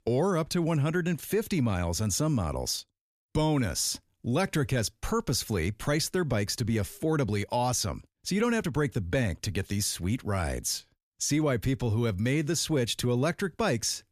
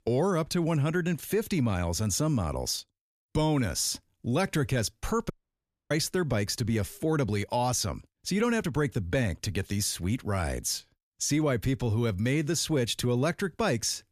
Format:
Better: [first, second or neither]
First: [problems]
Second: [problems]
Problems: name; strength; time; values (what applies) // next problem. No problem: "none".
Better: first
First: none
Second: audio cutting out; at 5.5 s for 0.5 s